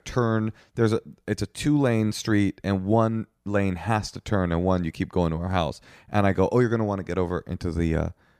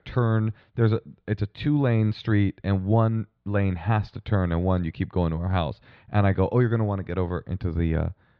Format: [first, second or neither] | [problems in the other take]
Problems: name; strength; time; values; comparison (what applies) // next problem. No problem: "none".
first | muffled; slightly; fading above 4 kHz